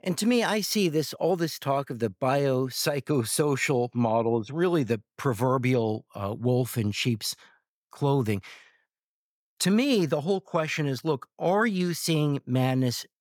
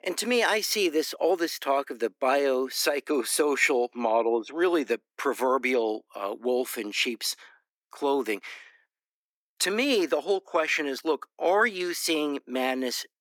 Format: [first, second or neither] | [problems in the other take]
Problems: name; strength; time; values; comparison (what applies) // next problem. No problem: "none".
first | thin; somewhat; fading below 300 Hz